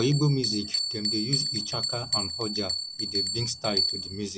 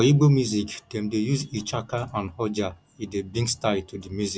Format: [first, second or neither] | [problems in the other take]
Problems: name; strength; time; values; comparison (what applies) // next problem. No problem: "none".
second | background sound (Bell); as loud as the speech